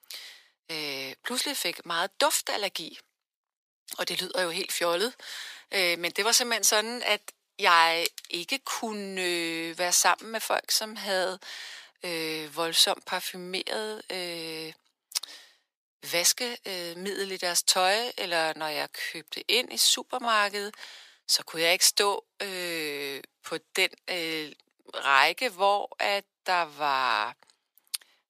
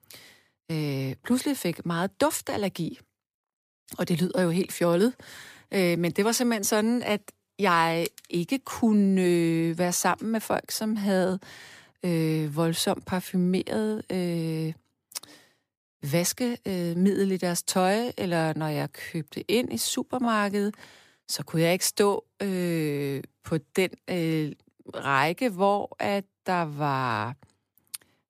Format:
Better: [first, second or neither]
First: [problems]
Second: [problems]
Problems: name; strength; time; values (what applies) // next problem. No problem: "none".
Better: second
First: thin; very; fading below 600 Hz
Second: none